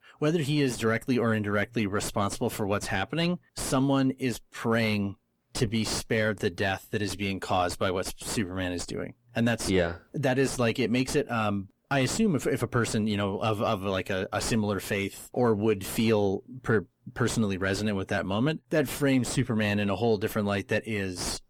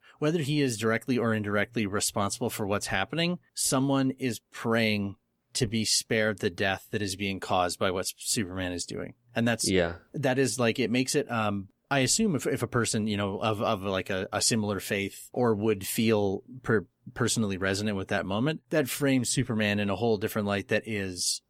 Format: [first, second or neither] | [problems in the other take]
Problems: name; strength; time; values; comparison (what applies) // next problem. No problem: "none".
second | distortion; slight; 6 dB below the speech